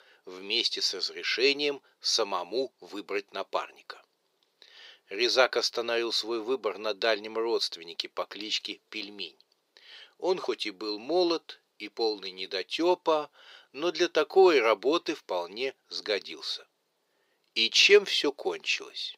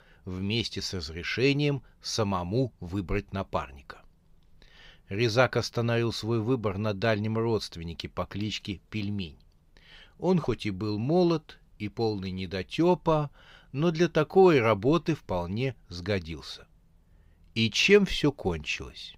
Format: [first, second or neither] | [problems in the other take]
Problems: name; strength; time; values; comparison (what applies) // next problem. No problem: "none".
second | thin; very; fading below 400 Hz